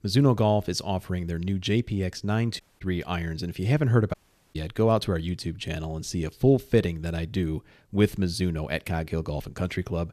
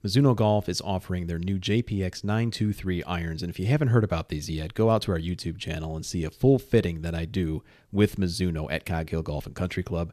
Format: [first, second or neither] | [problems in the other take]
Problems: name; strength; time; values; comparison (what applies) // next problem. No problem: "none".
second | audio cutting out; at 2.5 s and at 4 s